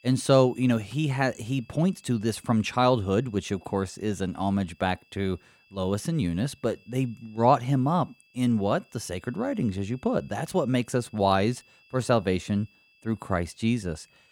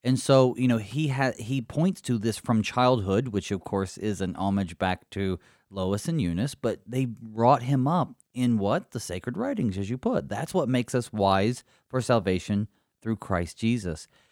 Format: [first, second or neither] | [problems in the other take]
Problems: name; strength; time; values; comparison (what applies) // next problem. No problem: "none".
second | high-pitched whine; faint; throughout; 2.5 kHz, 30 dB below the speech